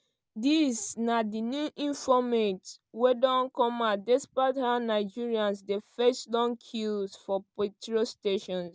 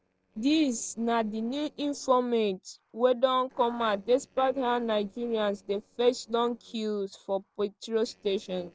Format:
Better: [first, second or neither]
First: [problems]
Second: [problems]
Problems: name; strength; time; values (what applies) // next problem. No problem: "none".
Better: first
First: none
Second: noise reduction (neural separator model SepFormer DNS4)